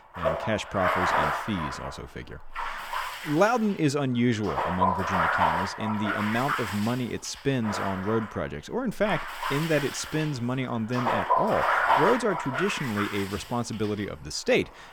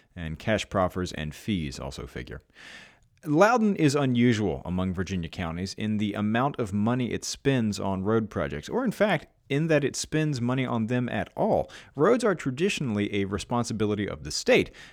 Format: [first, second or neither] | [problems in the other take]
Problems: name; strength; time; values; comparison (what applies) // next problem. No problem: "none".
second | household noises; very loud; throughout; as loud as the speech